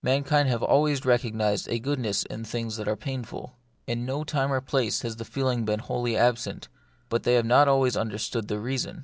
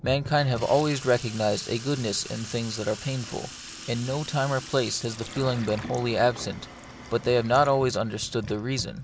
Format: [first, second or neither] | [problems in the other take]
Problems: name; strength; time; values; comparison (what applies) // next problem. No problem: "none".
first | background sound (Sink (filling or washing) / Water tap, faucet); 14 dB below the speech